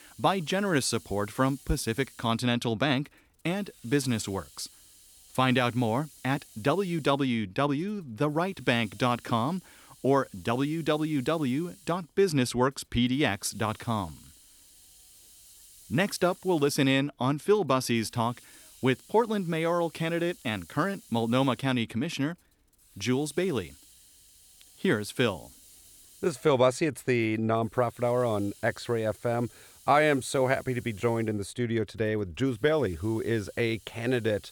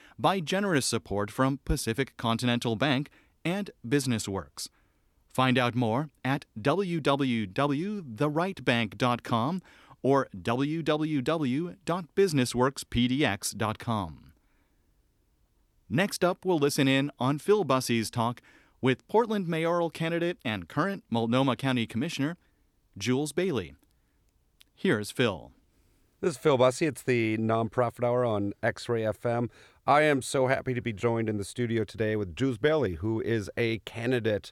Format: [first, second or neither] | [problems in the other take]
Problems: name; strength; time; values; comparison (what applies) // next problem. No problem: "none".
second | hiss; faint; throughout; 25 dB below the speech